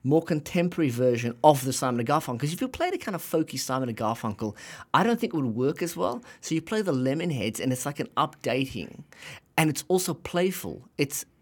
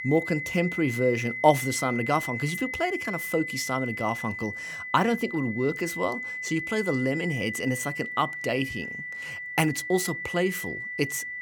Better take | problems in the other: first | high-pitched whine; loud; throughout; 2 kHz, 5 dB below the speech

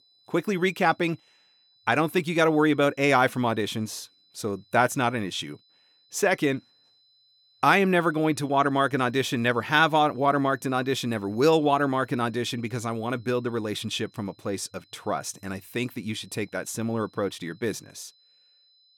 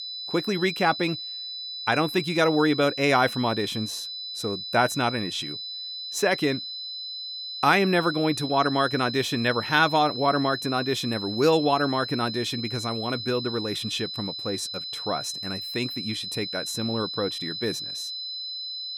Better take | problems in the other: first | high-pitched whine; loud; throughout; 4 kHz, 6 dB below the speech; faint in the first

